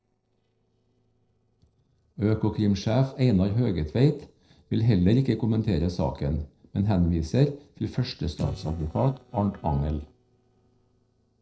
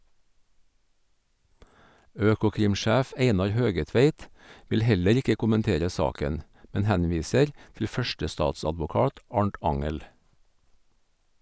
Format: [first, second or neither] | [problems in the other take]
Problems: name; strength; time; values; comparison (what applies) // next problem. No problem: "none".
second | noise reduction (neural separator model SepFormer DNS4)